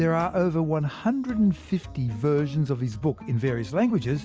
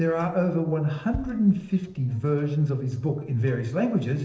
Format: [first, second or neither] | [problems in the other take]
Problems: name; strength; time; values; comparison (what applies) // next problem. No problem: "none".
first | noise reduction (neural separator model SepFormer DNS4)